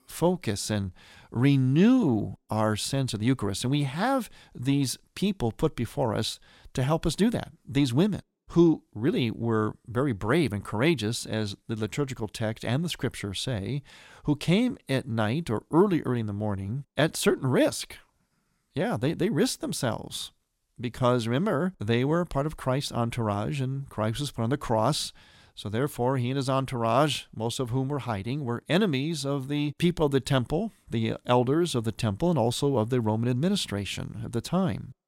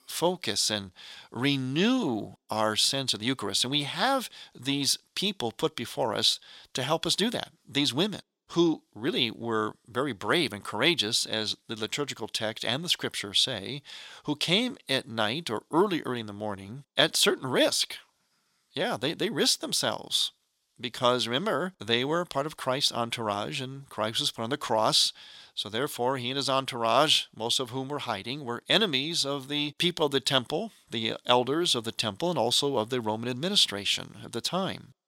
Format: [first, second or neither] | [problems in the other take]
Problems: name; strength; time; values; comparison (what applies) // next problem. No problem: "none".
first | thin; very slightly; fading below 1 kHz